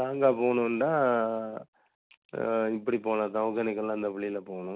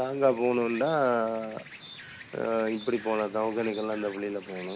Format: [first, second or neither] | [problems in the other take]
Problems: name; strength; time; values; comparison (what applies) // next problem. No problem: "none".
first | background sound (Insect); 18 dB below the speech